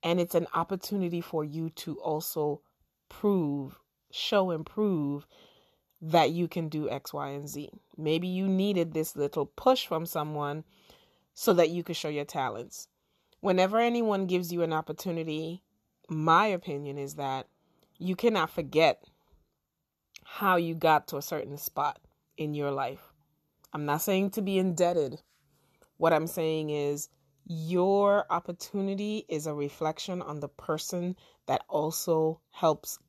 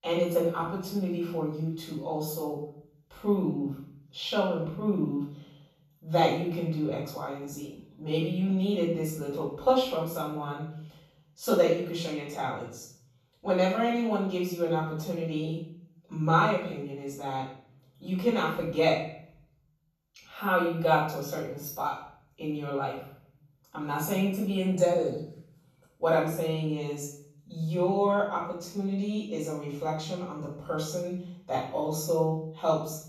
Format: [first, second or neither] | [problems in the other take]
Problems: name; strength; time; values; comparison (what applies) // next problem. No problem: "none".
first | off-mic speech; far // room echo; noticeable; dies away in 0.6 s